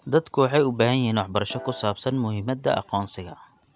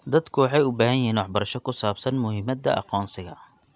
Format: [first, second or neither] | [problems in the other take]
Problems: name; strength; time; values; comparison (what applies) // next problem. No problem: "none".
second | background sound (Piano); 13 dB below the speech